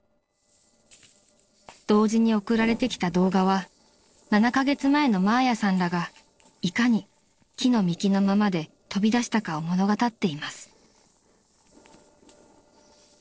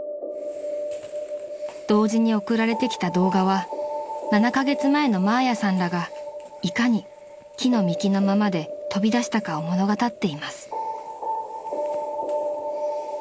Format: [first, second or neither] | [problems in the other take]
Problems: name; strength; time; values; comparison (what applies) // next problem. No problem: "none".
second | noise reduction (neural separator model SepFormer DNS4)